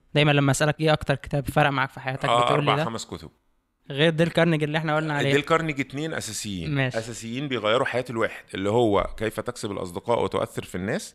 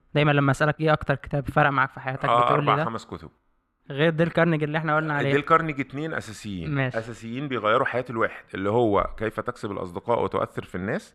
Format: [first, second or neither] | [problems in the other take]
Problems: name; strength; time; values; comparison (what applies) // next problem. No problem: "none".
first | muffled; slightly; fading above 3.5 kHz